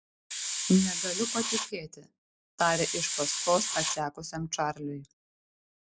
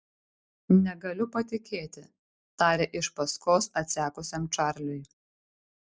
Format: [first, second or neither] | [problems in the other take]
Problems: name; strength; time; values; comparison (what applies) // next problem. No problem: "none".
second | background sound (Hiss); 1 dB below the speech